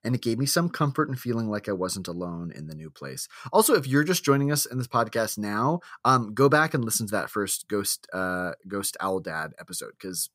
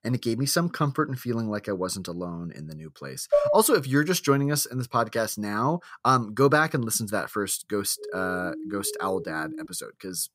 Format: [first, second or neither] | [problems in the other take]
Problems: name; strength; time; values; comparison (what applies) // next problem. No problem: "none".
first | clattering dishes; loud; at 3.5 s; peak 3 dB above the speech // siren; faint; from 8 to 9.5 s; peak 10 dB below the speech